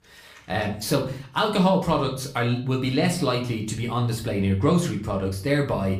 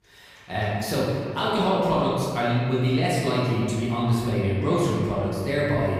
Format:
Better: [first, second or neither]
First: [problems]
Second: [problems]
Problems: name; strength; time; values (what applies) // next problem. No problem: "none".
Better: first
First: room echo; slight; dies away in 0.4 s // off-mic speech; somewhat distant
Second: room echo; strong; dies away in 1.7 s // off-mic speech; far